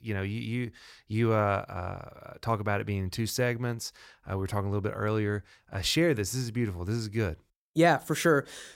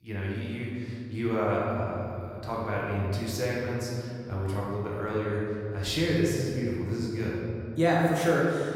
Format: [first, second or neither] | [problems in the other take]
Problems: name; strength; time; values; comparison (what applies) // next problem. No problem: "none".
first | room echo; strong; dies away in 2.3 s // off-mic speech; far